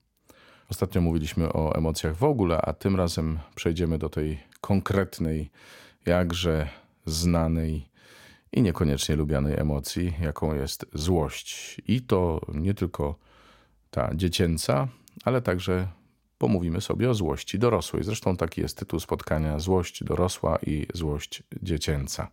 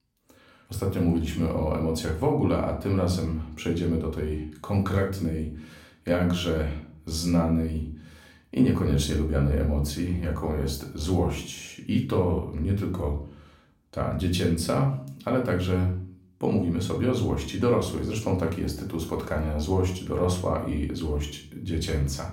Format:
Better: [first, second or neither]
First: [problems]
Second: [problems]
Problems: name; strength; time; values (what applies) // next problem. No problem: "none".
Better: first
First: none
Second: room echo; slight; dies away in 0.4 s // off-mic speech; somewhat distant